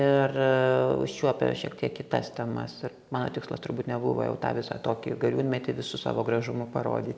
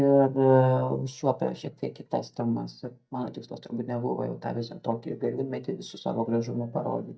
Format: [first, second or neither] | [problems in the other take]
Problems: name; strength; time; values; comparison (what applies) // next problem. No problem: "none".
first | noise reduction (neural mask model DeepFilterNet 3)